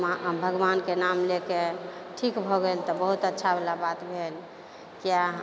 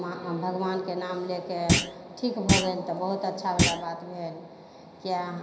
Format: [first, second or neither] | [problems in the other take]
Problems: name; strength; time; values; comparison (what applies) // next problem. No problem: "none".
first | background sound (Thump, thud); 4 dB above the speech // room echo; dies away in 0.5 s